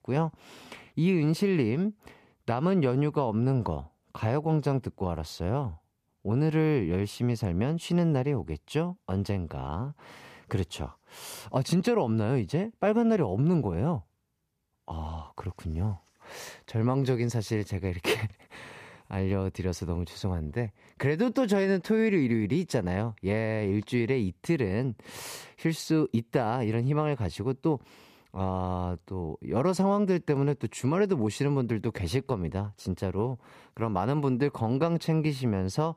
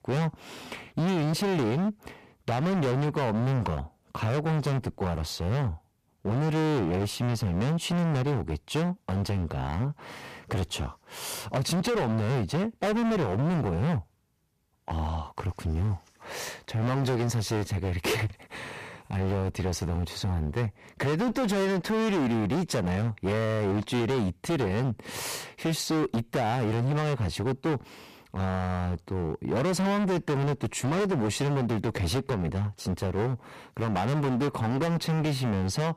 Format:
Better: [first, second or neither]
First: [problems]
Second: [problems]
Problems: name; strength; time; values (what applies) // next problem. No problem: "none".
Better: first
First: none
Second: distortion; heavy; 27% of the sound clipped